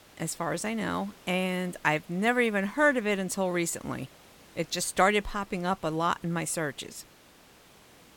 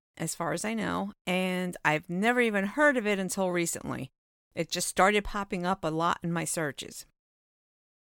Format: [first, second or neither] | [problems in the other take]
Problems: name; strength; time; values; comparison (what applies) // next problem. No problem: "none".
second | hiss; faint; throughout; 25 dB below the speech